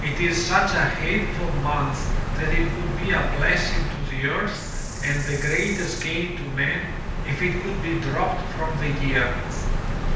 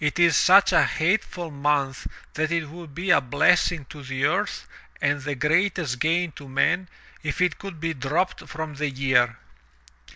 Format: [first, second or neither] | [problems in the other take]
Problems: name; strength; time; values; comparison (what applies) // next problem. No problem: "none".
second | background sound (Bird vocalization, bird call, bird song); as loud as the speech // room echo; dies away in 0.8 s